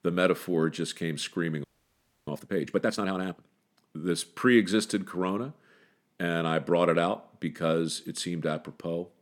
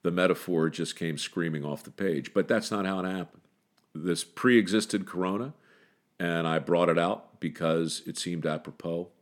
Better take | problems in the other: second | audio freezing; at 1.5 s for 0.5 s

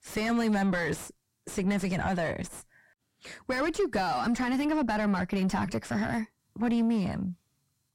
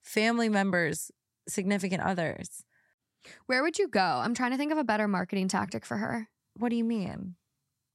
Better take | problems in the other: second | distortion; heavy; 4 dB below the speech

